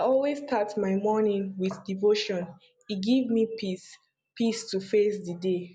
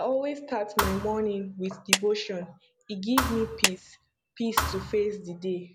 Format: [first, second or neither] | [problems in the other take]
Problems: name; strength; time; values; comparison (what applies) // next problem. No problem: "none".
first | background sound (Clapping + Thump, thud); 1 dB below the speech